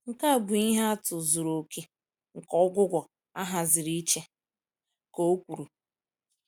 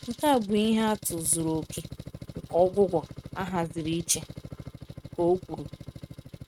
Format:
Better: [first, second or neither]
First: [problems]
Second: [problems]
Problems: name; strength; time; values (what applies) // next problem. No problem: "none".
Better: first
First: none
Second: noise reduction (neural mask model RNNoise)